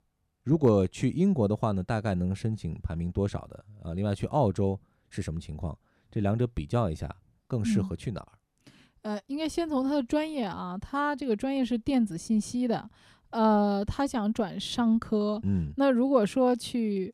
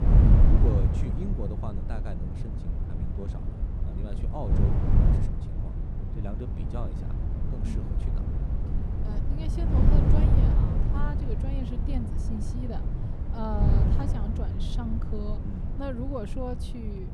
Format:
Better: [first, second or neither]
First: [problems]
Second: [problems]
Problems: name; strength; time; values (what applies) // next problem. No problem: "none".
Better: first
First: none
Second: wind noise on the microphone; heavy; 1 dB above the speech